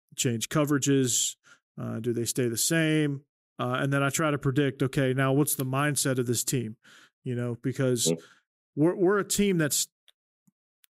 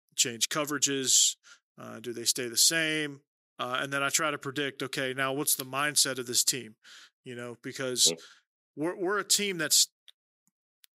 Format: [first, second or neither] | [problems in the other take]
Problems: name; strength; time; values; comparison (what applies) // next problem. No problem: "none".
first | thin; somewhat; fading below 850 Hz